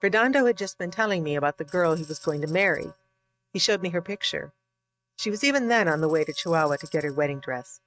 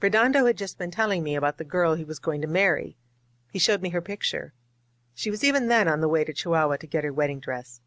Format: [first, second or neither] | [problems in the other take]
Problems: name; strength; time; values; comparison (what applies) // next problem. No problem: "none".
second | noise reduction (neural mask model RNNoise)